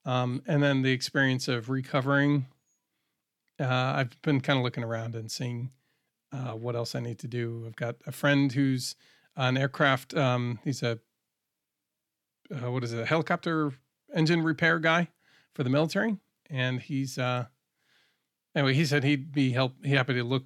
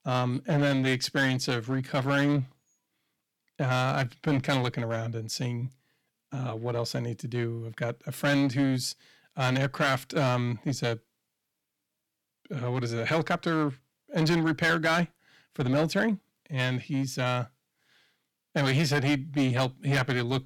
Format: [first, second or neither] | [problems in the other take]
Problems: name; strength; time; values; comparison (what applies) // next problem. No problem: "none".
first | distortion; slight; 6% of the sound clipped